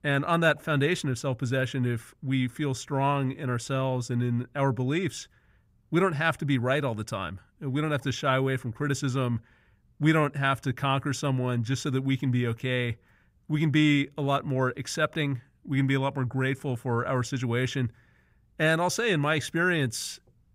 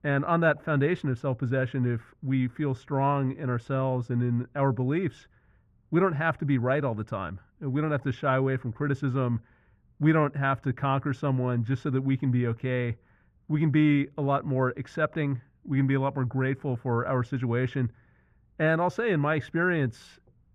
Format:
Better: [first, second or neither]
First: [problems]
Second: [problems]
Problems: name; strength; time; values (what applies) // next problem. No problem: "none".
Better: first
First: none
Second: muffled; very; fading above 3.5 kHz